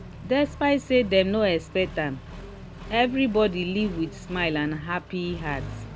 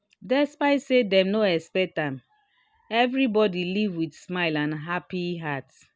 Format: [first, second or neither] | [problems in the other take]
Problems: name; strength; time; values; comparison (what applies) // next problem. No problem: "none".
second | background sound (Accelerating, revving, vroom); 13 dB below the speech